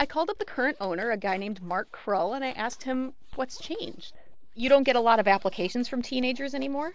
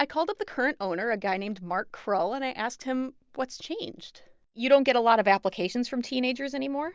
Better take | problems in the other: second | noise reduction (neural mask model Resemble Enhance denoiser)

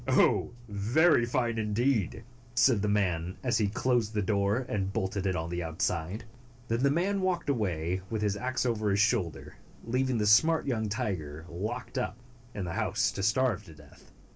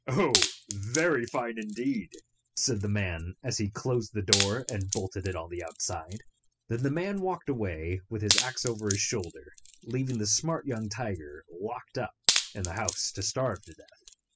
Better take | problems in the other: first | noise reduction (classical method spectral subtraction)

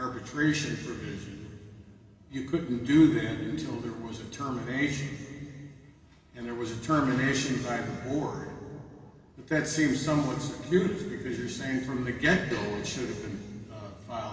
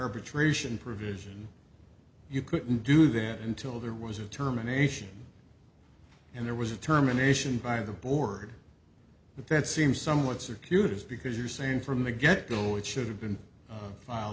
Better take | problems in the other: second | room echo; dies away in 2.4 s

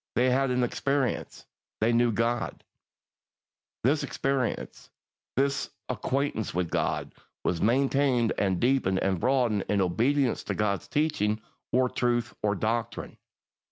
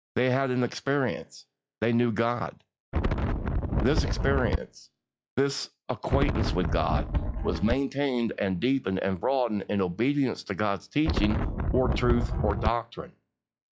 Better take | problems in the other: first | noise reduction (classical method log-MMSE)

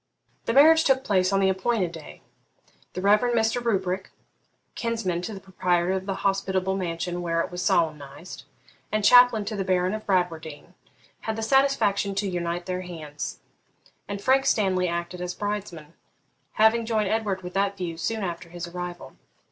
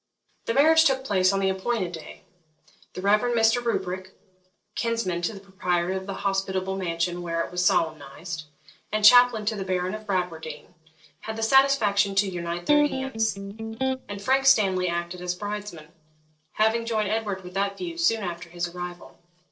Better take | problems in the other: first | noise reduction (neural separator model SepFormer DNS4)

